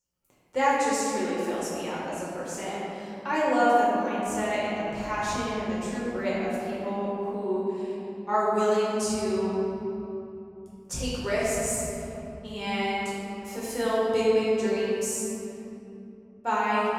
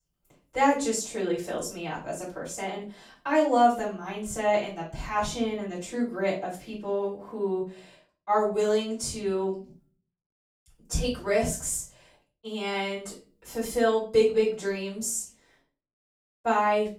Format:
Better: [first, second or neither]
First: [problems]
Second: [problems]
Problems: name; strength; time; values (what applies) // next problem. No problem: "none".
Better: second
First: room echo; strong; dies away in 3 s // off-mic speech; far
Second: room echo; slight; dies away in 0.4 s // off-mic speech; far